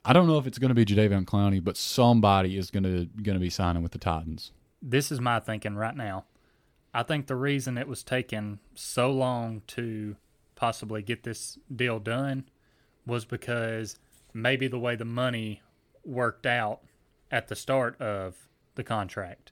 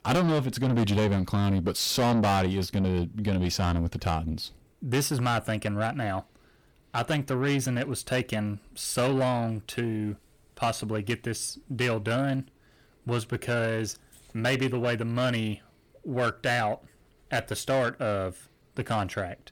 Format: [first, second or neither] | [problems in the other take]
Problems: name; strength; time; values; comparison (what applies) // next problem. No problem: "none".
first | distortion; heavy; 7 dB below the speech